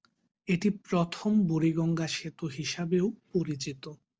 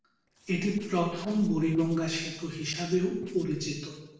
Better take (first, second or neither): first